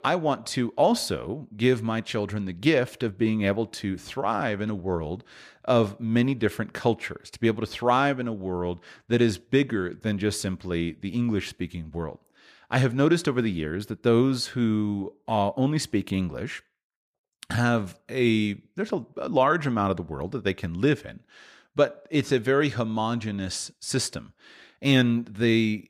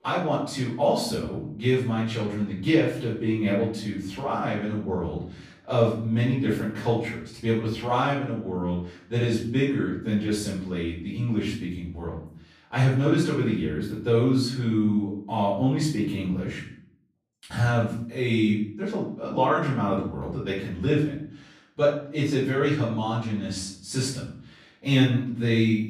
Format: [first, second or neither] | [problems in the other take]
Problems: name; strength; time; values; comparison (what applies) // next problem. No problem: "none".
first | off-mic speech; far // room echo; noticeable; dies away in 0.5 s